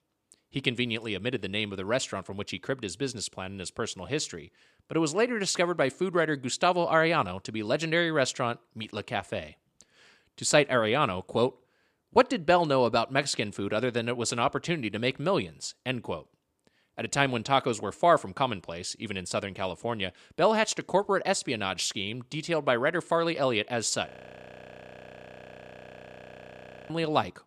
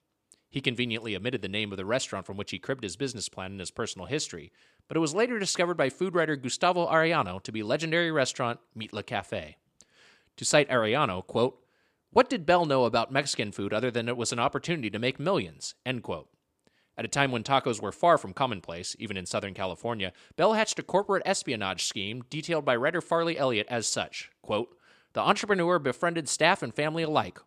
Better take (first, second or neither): second